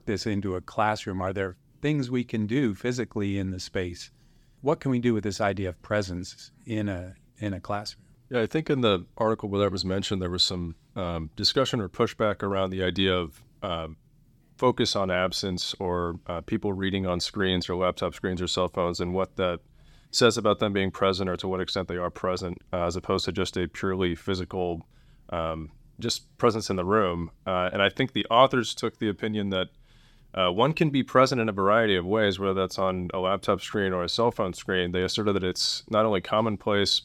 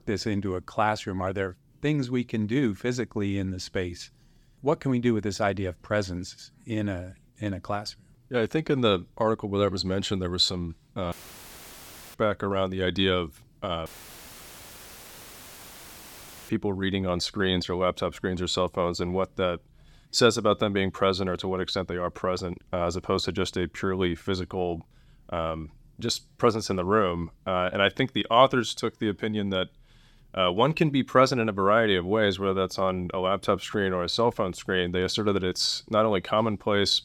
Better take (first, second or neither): first